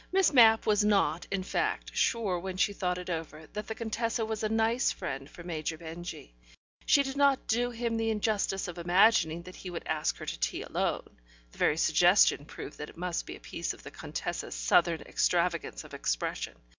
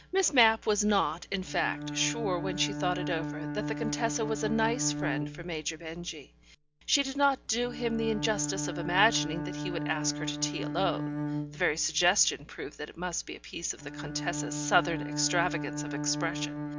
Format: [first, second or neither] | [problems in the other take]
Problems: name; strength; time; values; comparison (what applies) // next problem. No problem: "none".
first | background sound (Bowed string instrument); 5 dB below the speech